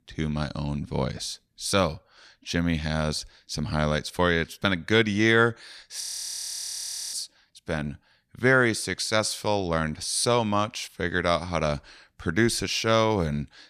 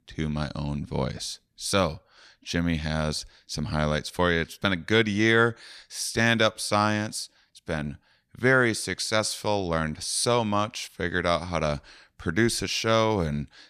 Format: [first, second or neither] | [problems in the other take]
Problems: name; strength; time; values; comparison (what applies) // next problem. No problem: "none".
second | audio freezing; at 6 s for 1 s